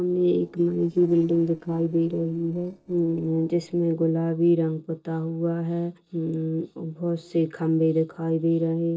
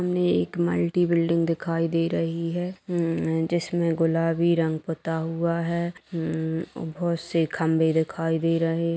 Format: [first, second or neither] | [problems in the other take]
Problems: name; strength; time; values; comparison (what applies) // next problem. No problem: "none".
second | noise reduction (neural separator model SepFormer DNS4)